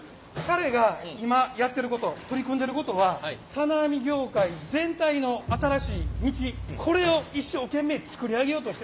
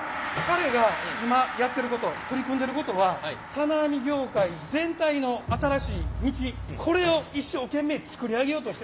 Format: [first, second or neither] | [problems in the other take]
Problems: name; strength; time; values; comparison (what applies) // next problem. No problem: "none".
first | background sound (Gong); 11 dB below the speech